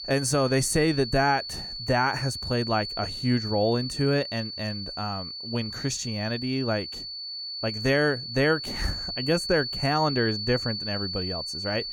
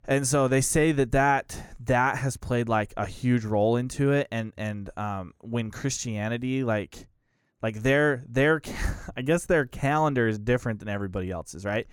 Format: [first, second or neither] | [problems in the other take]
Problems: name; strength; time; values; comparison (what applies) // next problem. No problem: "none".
second | high-pitched whine; loud; throughout; 4.5 kHz, 5 dB below the speech